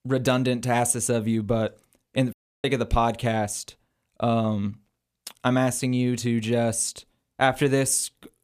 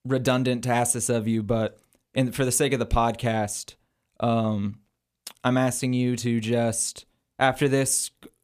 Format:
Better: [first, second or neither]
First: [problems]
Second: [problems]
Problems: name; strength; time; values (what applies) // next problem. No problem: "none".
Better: second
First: audio cutting out; at 2.5 s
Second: none